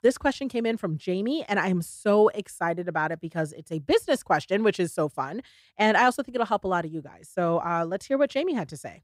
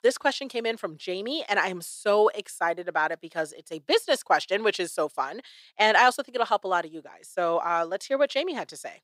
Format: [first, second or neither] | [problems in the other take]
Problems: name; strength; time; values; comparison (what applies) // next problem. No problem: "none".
first | thin; somewhat; fading below 450 Hz